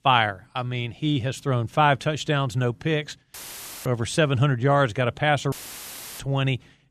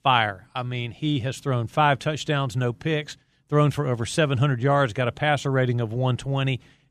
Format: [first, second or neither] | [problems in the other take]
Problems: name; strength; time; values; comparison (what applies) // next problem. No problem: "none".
second | audio cutting out; filled with static; at 3.5 s for 0.5 s and at 5.5 s for 0.5 s